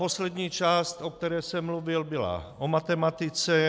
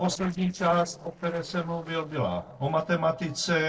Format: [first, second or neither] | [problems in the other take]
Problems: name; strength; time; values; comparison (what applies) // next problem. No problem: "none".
first | noise reduction (neural separator model SepFormer DNS4)